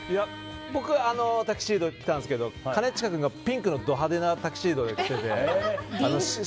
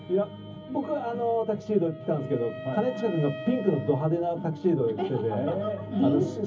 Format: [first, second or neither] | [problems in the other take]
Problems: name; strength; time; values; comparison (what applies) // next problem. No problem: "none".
first | background sound (Wind instrument, woodwind instrument); 16 dB below the speech // room echo; dies away in 0.3 s